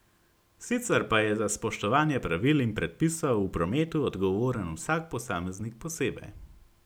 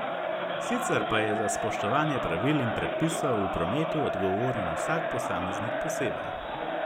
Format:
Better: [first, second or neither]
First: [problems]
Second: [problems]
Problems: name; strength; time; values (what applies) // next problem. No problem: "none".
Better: first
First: none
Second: background sound (Crowd); as loud as the speech